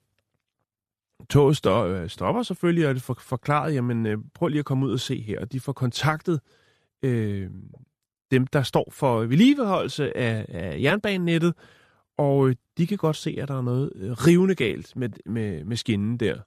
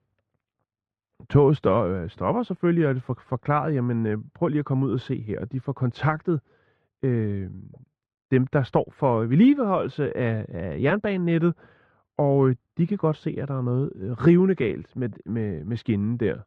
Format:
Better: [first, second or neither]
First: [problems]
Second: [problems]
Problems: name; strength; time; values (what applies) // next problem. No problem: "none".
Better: first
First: none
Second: muffled; very; fading above 1.5 kHz